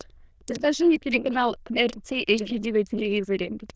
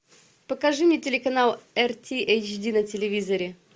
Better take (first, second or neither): second